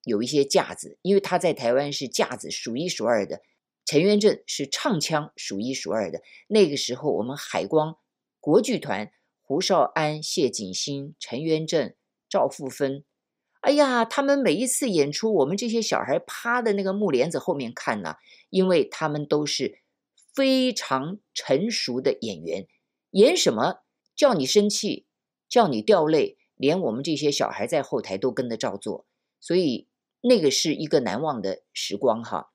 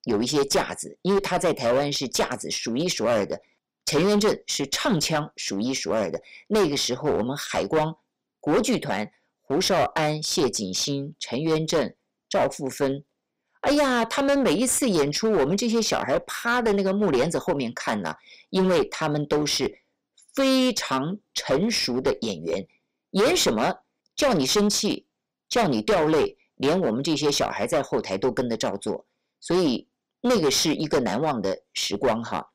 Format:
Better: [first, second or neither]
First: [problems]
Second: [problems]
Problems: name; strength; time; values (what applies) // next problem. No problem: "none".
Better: first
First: none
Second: distortion; heavy; 12% of the sound clipped